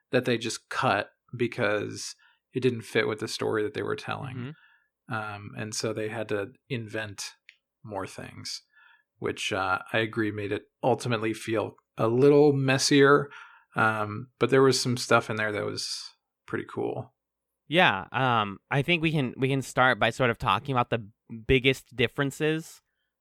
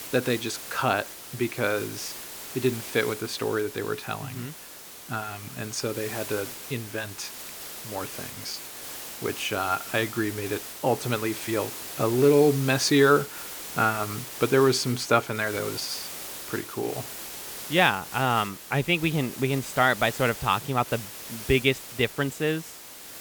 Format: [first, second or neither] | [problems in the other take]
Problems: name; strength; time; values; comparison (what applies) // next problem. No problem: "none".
first | hiss; noticeable; throughout; 10 dB below the speech